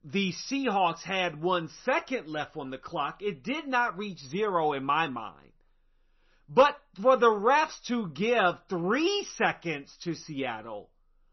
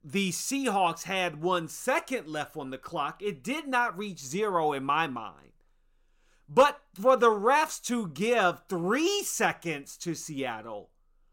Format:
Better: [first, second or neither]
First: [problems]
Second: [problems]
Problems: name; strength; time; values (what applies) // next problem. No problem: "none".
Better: second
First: garbled, watery; slightly; nothing above 6 kHz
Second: none